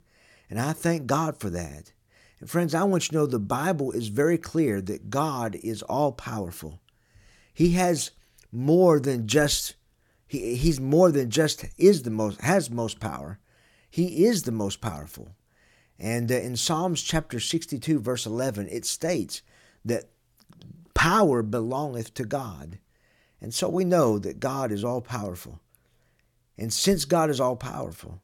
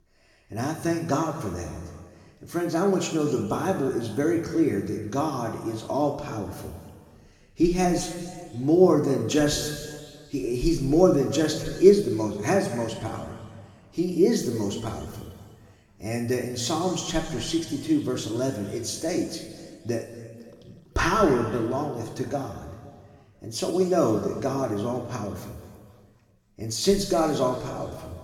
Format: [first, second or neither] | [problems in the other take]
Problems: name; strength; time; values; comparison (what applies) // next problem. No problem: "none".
first | room echo; noticeable; dies away in 1.8 s // off-mic speech; far